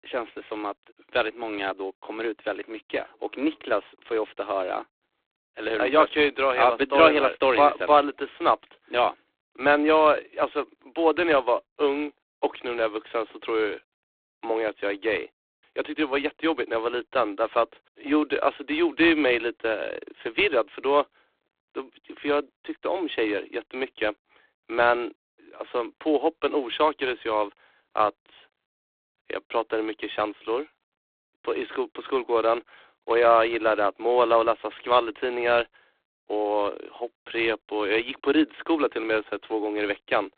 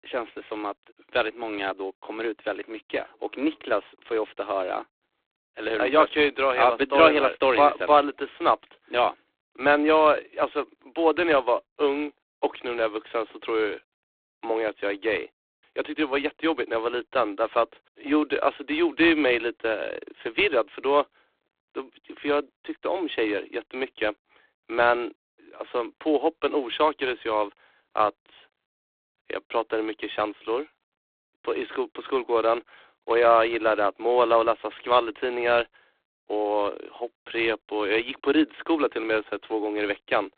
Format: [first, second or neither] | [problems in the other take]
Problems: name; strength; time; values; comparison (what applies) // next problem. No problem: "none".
neither | phone-call audio; poor line; nothing above 3.5 kHz; the same in both